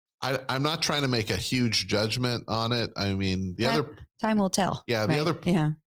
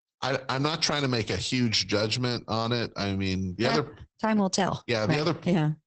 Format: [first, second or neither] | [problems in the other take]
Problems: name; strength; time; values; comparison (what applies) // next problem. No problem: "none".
first | garbled, watery; badly; nothing above 8 kHz; slightly in the first